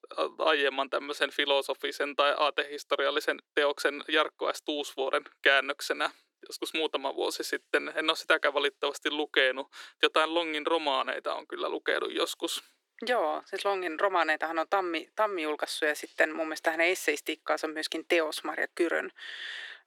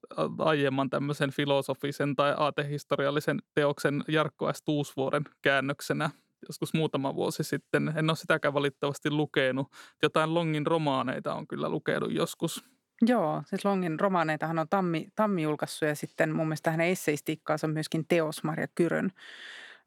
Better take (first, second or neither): second